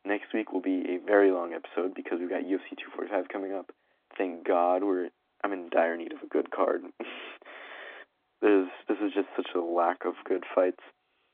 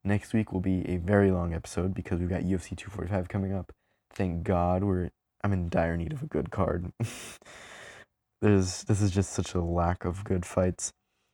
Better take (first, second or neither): second